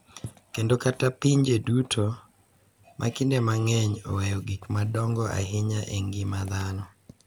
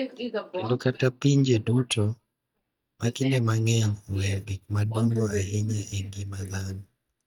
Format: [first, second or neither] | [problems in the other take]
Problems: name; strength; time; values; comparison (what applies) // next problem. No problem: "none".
first | noise reduction (neural mask model DeepFilterNet 3)